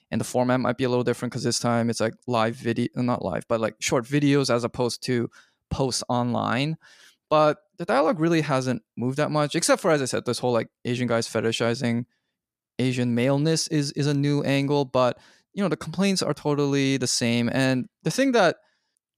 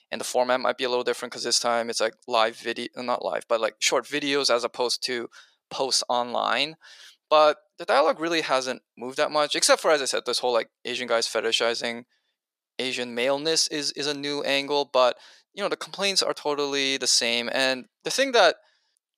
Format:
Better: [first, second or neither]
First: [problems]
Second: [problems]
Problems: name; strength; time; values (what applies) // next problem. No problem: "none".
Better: first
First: none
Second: thin; somewhat; fading below 550 Hz